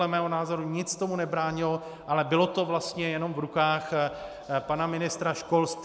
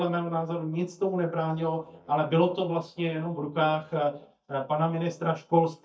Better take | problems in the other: first | noise reduction (neural mask model DeepFilterNet 3)

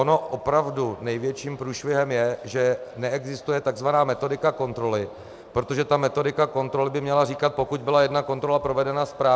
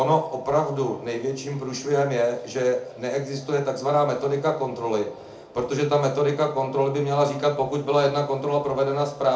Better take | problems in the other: first | room echo; dies away in 0.4 s

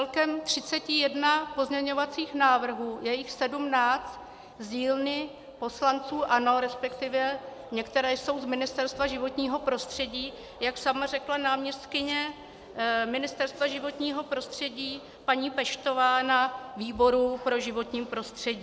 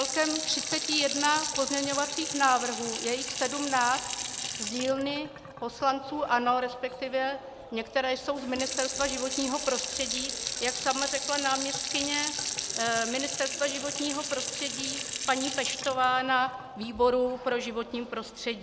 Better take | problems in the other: first | background sound (Sink (filling or washing) / Water tap, faucet); 5 dB below the speech

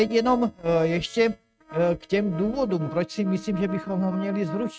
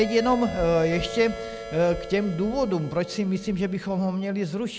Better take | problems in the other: second | noise reduction (neural mask model RNNoise)

